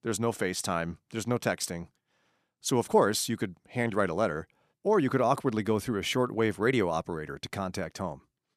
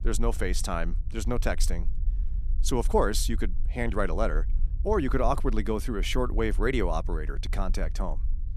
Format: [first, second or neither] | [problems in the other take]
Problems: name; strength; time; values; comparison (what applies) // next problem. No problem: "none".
first | low rumble; faint; throughout; 25 dB below the speech